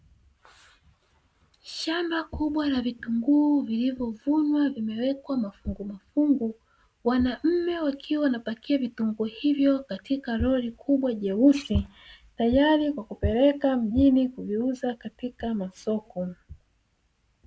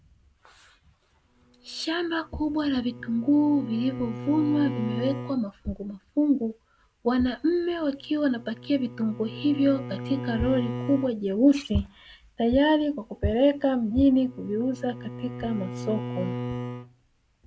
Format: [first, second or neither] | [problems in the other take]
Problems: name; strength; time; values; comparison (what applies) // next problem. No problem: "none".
first | background sound (Bowed string instrument); 12 dB below the speech